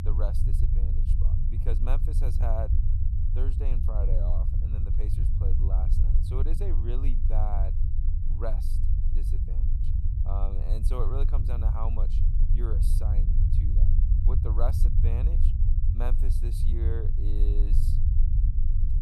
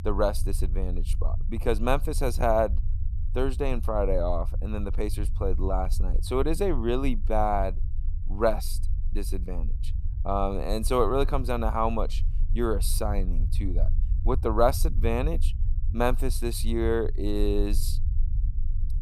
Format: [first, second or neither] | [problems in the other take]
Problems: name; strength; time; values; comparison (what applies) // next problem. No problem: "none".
second | low rumble; loud; throughout; 4 dB below the speech; faint in the second